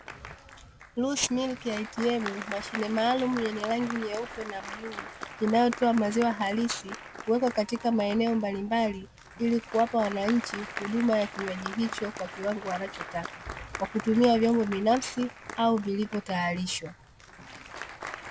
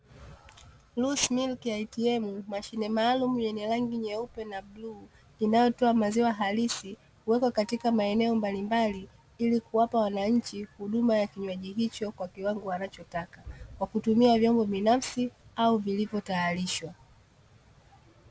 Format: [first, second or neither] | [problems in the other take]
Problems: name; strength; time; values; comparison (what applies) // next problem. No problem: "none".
second | background sound (Applause); 12 dB below the speech